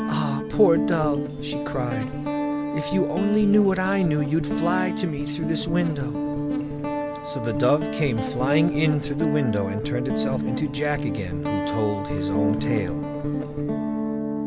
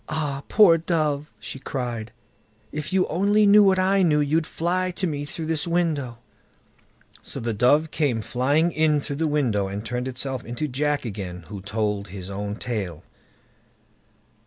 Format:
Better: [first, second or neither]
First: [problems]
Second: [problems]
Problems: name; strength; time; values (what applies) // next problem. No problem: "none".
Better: second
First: background sound (Guitar); 1 dB below the speech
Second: none